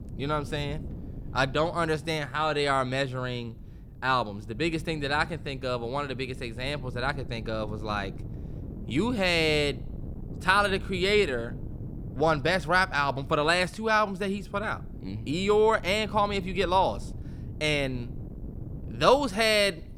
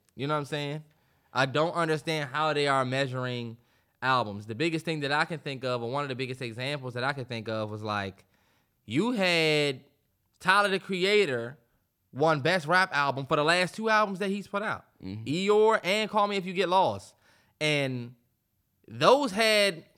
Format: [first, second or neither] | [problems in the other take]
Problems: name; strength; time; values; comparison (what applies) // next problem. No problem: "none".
second | wind noise on the microphone; occasional gusts; 25 dB below the speech